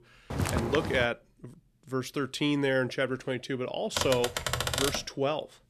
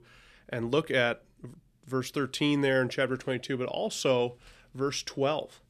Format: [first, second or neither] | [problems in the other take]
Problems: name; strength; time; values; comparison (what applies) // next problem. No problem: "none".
second | footsteps; loud; at 0.5 s; peak level with the speech // keyboard typing; loud; from 4 to 5 s; peak 2 dB above the speech